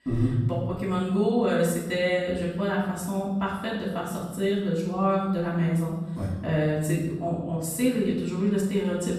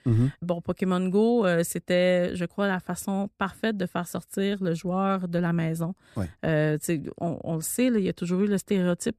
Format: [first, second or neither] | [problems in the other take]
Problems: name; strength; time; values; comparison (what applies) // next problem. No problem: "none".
second | off-mic speech; far // room echo; noticeable; dies away in 0.9 s